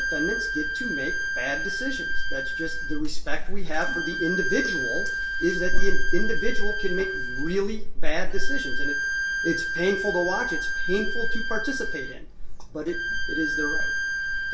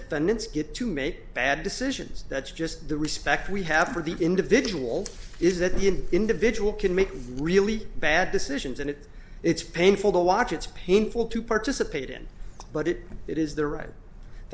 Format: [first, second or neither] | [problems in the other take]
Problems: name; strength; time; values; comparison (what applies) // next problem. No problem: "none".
second | background sound (Bowed string instrument); 7 dB below the speech // room echo; dies away in 0.3 s